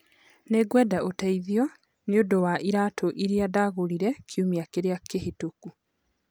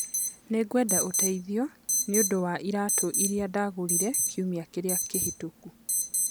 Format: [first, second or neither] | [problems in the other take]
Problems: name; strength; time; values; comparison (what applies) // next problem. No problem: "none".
first | background sound (Alarm); as loud as the speech